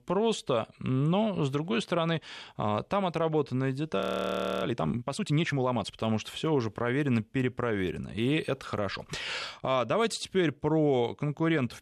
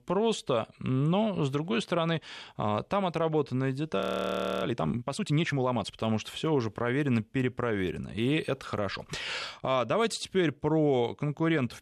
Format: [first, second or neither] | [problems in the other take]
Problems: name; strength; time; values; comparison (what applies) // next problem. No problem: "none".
neither | audio freezing; at 4 s for 0.5 s; the same in both